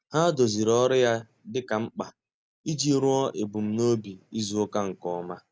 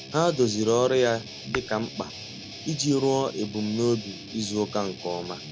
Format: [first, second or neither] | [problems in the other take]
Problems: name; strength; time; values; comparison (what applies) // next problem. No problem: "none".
first | background sound (Tap / Hammer + Guitar); 13 dB below the speech